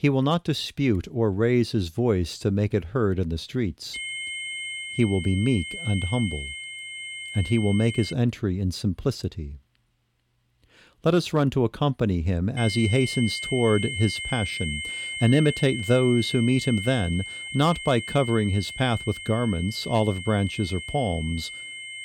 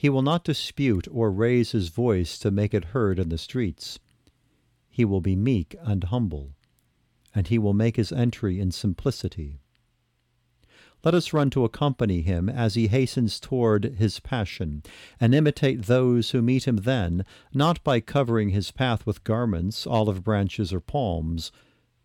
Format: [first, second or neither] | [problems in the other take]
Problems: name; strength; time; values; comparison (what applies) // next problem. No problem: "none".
second | high-pitched whine; loud; from 4 to 8 s and from 13 s on; 2 kHz, 8 dB below the speech